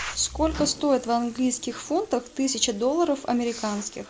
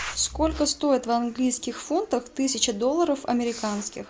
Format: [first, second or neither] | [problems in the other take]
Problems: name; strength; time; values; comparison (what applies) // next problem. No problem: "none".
second | background sound (Sink (filling or washing) / Water tap, faucet + Microwave oven); 20 dB below the speech